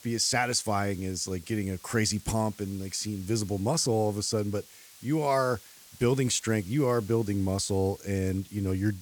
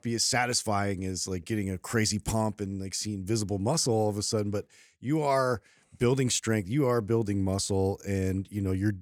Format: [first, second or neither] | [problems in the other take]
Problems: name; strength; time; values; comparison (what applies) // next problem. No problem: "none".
second | hiss; faint; throughout; 20 dB below the speech